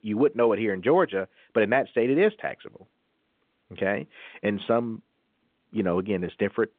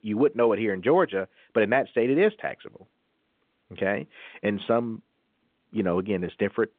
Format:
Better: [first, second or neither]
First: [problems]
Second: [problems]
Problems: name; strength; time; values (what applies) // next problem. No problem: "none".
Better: neither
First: phone-call audio; nothing above 3.5 kHz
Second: phone-call audio; nothing above 3.5 kHz